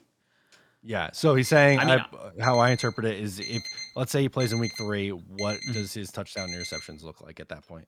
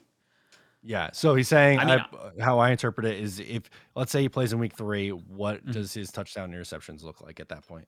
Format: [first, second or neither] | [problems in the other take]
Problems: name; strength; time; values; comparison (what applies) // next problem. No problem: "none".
second | alarm; noticeable; from 1.5 to 7 s; peak 8 dB below the speech